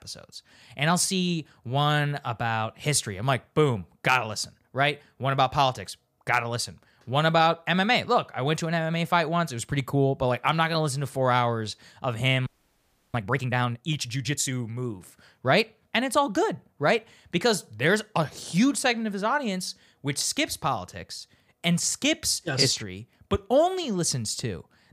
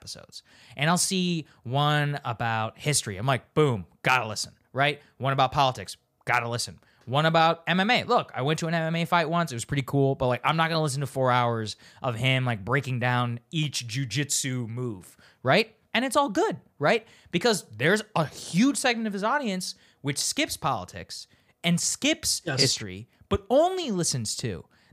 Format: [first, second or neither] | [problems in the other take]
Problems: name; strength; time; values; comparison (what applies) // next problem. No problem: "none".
second | audio freezing; at 12 s for 0.5 s